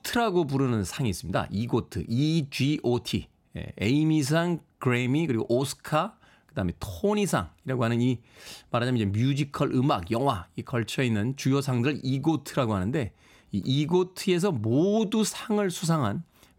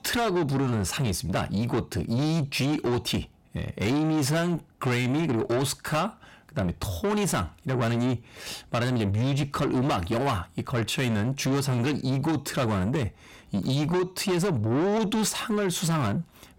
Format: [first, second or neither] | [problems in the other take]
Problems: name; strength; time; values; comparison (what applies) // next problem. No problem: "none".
first | distortion; heavy; 7 dB below the speech